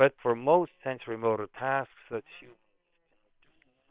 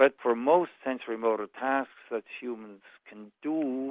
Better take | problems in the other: second | noise reduction (neural separator model SepFormer WHAM!)

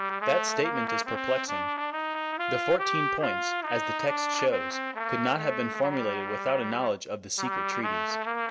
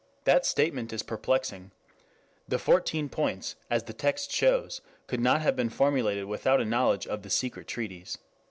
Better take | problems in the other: second | background sound (Trumpet); as loud as the speech

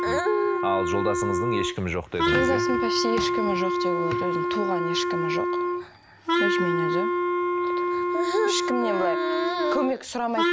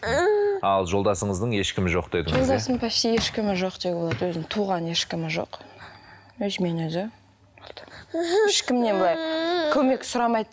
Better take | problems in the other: second | background sound (Wind instrument, woodwind instrument); 3 dB above the speech

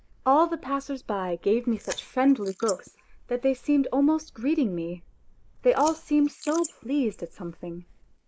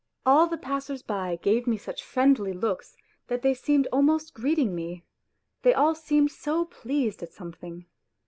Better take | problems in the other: second | noise reduction (neural mask model Resemble Enhance denoiser)

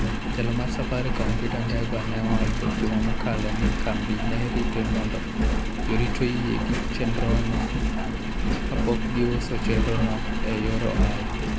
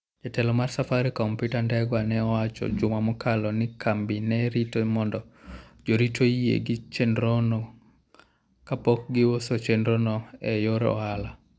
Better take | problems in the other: second | background sound (Engine); 5 dB above the speech

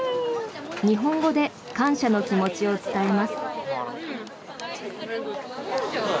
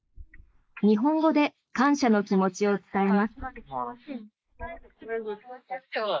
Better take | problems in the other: first | noise reduction (neural mask model Resemble Enhance denoiser)

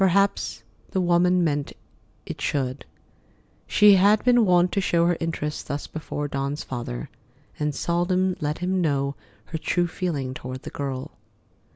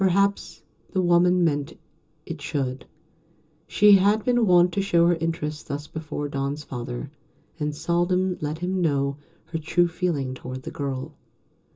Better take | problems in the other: first | room echo; dies away in 0.2 s

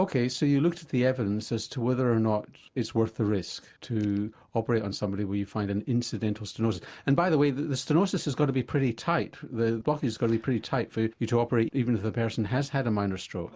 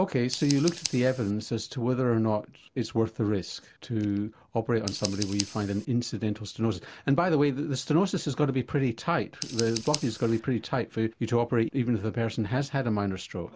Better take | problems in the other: first | background sound (Scissors); 16 dB below the speech

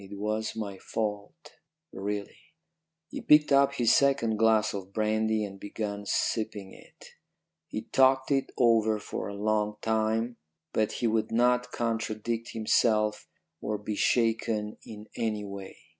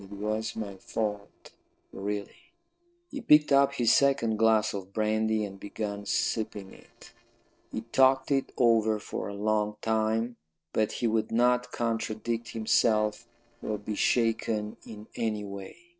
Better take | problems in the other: first | noise reduction (neural separator model SepFormer DNS4)

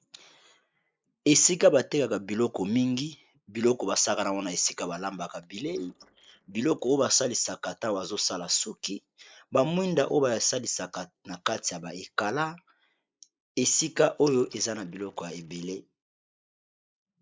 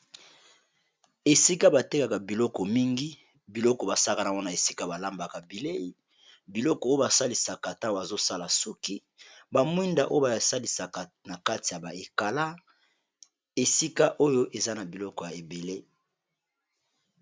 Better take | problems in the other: second | noise reduction (neural mask model Resemble Enhance denoiser)

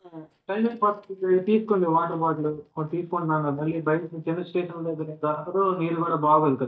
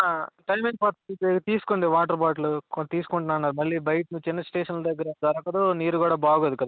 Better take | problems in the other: second | noise reduction (neural mask model DeepFilterNet 3)

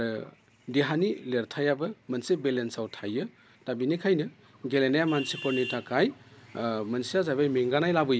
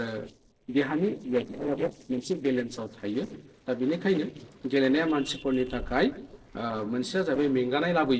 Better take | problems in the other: first | noise reduction (neural separator model SepFormer DNS4)

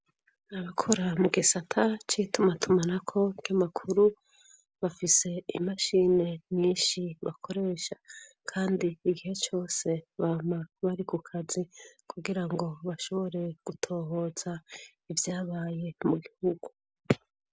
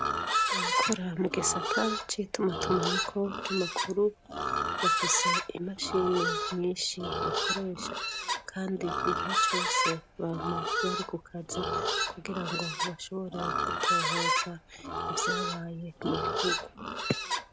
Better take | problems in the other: first | background sound (Livestock, farm animals, working animals); 2 dB above the speech

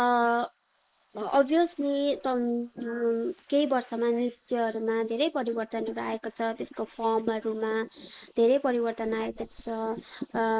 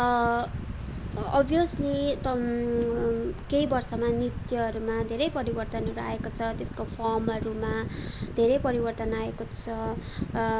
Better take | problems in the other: second | noise reduction (neural mask model Resemble Enhance denoiser)

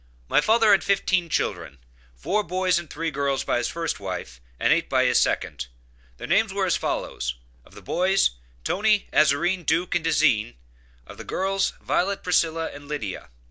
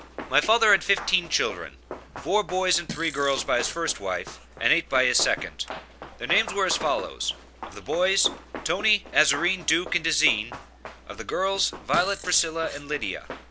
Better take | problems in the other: first | background sound (Run + Fart); 14 dB below the speech

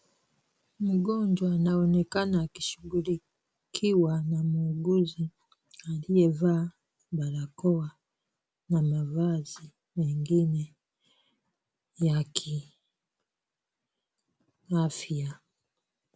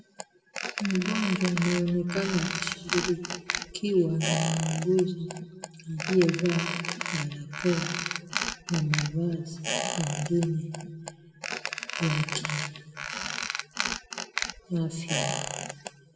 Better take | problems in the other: first | background sound (Squeak); 5 dB below the speech // room echo; dies away in 1.7 s

